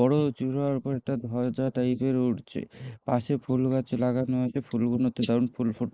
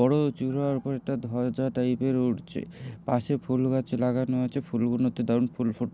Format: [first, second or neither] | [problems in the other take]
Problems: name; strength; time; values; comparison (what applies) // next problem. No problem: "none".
second | noise reduction (neural mask model Resemble Enhance denoiser)